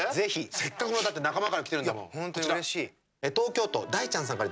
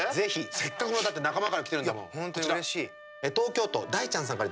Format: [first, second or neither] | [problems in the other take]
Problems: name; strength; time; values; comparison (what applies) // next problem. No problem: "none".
first | background sound (Wind instrument, woodwind instrument); 16 dB below the speech